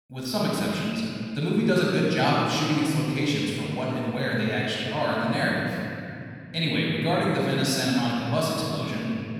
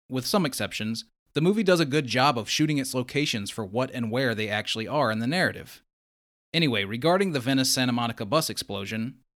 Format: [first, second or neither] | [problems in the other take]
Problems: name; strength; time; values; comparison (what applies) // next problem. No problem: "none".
second | off-mic speech; far // room echo; strong; dies away in 3 s